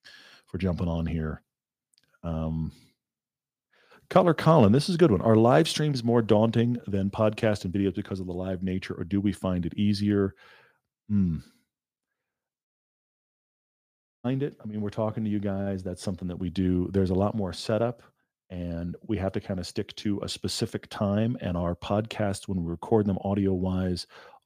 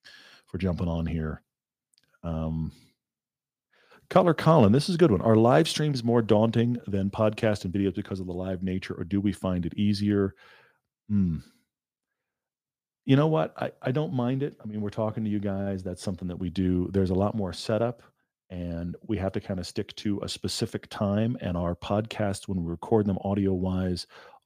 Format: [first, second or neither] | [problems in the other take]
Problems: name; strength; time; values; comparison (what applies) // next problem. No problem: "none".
second | audio cutting out; at 13 s for 1.5 s